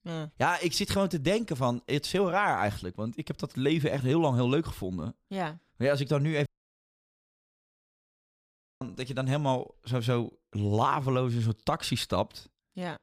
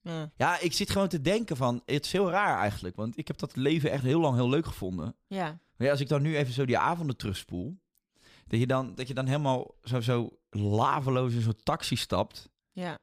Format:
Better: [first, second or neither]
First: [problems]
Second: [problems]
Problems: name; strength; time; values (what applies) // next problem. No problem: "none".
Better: second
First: audio cutting out; at 6.5 s for 2.5 s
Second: none